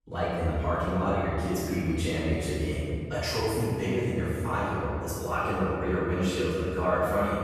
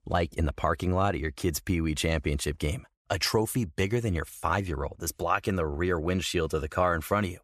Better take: second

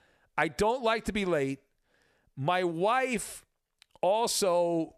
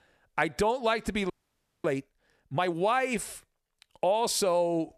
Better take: first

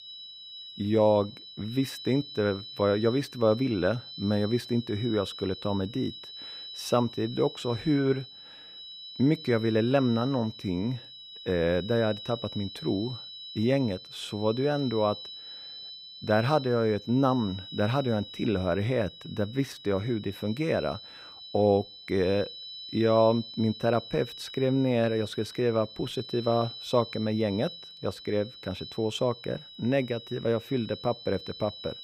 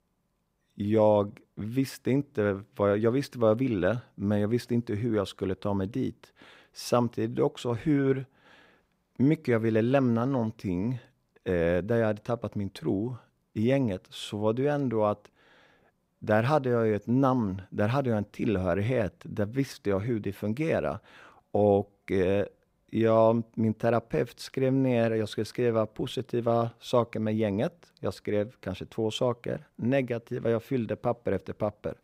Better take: second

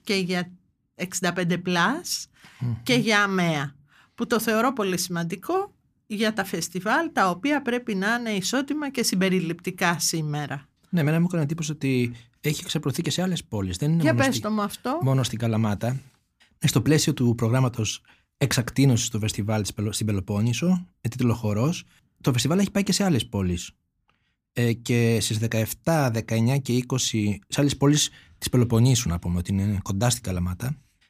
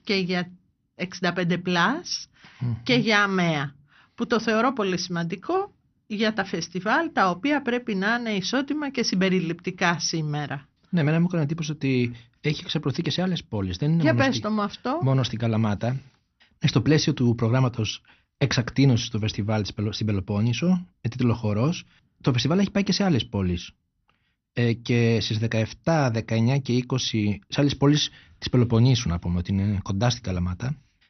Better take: first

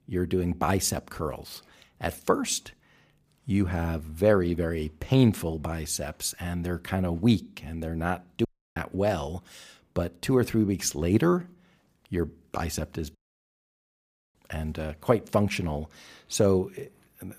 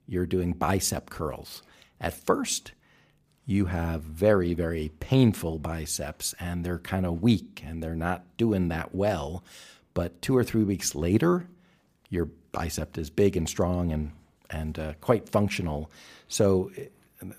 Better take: second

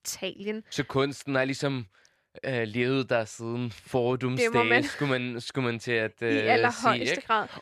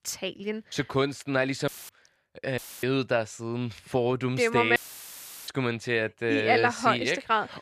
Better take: first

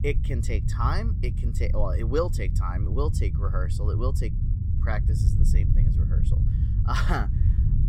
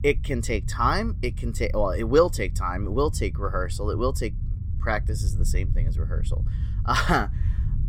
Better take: second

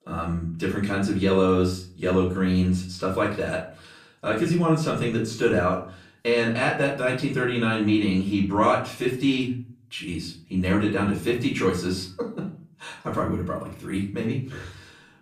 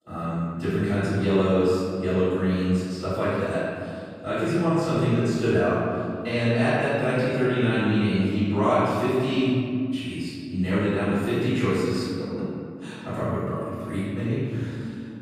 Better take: first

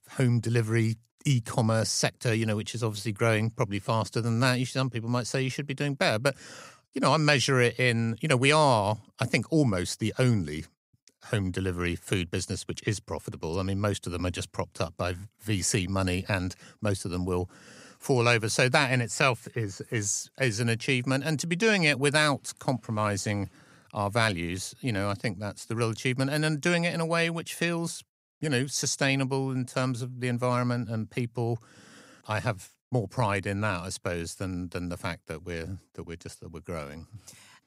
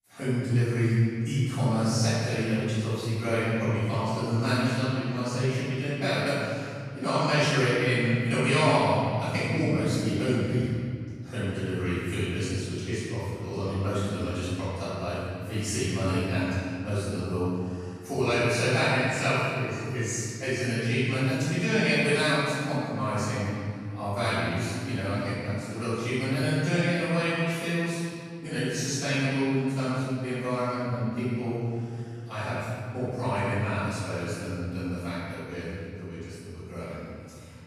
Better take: first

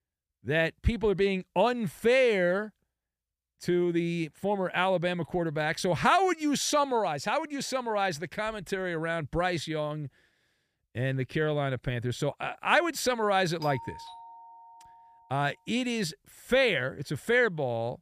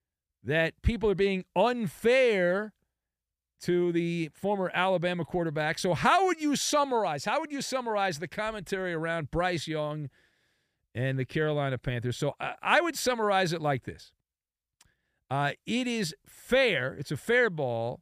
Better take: second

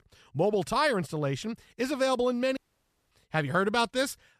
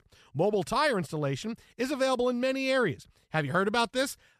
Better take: second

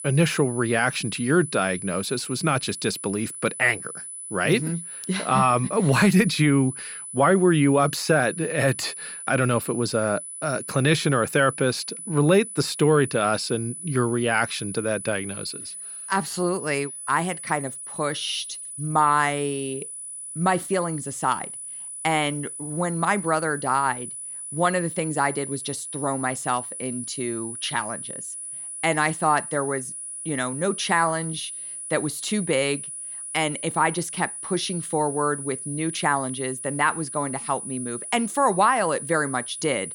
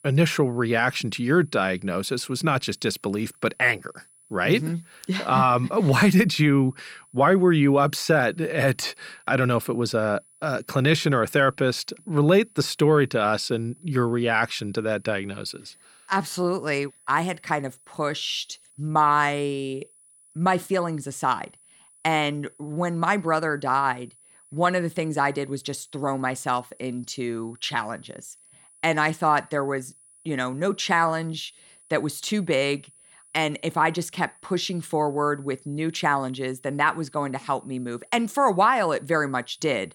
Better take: second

